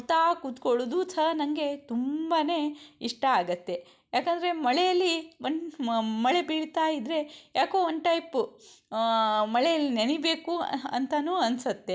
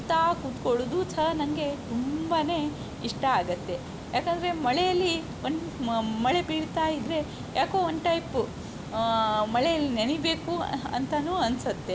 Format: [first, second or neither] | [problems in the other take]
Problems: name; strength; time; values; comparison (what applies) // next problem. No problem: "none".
first | background sound (Water); 10 dB below the speech